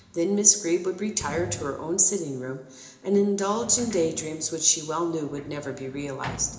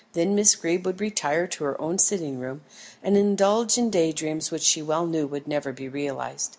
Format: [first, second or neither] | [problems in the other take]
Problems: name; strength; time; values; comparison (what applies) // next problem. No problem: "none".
second | background sound (Sliding door); 17 dB below the speech // room echo; dies away in 0.8 s